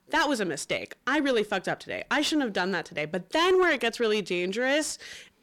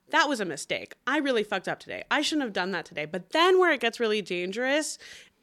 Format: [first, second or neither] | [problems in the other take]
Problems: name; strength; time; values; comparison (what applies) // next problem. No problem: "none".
second | distortion; slight; 10 dB below the speech